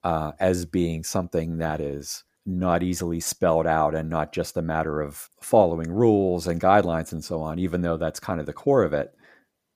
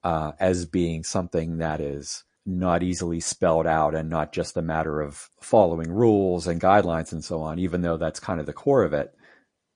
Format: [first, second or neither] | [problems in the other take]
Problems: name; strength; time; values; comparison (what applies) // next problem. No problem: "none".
first | garbled, watery; slightly